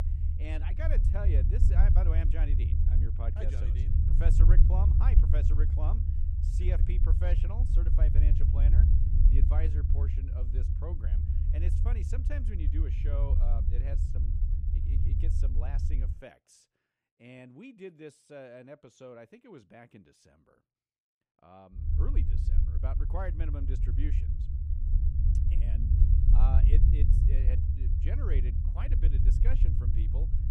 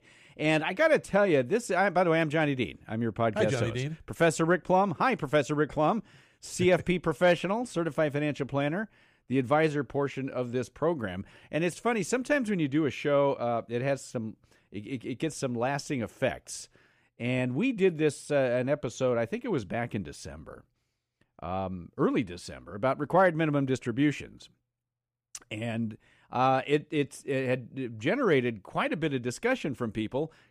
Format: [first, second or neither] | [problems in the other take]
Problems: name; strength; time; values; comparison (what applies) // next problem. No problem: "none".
second | low rumble; loud; until 16 s and from 22 s on; 1 dB below the speech